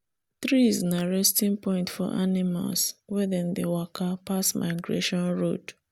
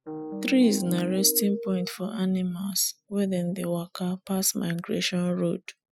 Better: first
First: none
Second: noise reduction (classical method Wiener filter)

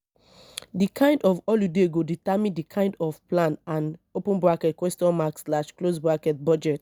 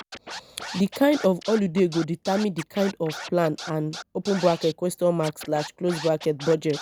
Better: first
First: none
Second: background sound (Scratching (performance technique)); 14 dB below the speech

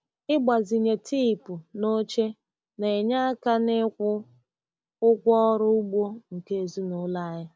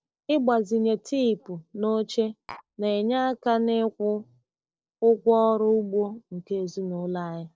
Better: first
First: none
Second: noise reduction (neural separator model SepFormer DNS4)

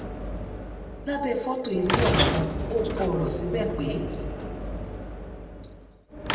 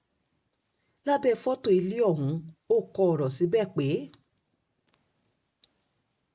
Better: second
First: background sound (Sliding door / Train); as loud as the speech // room echo; dies away in 2 s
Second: none

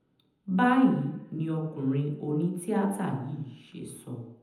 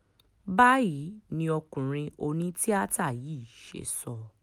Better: second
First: room echo; dies away in 0.8 s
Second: none

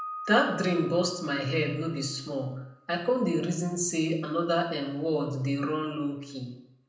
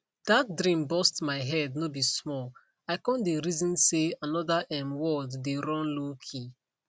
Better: second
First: background sound (Piano); 18 dB below the speech // room echo; dies away in 0.7 s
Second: none

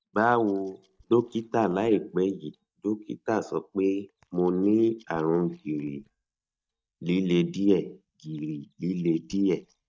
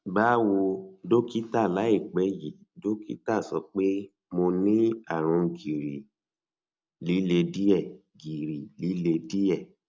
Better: second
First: noise reduction (neural mask model DeepFilterNet 3)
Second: none

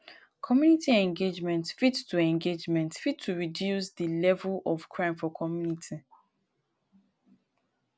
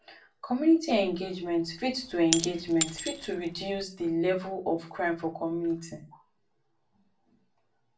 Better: first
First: none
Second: background sound (Shatter / Crushing); 6 dB below the speech // room echo; dies away in 0.3 s

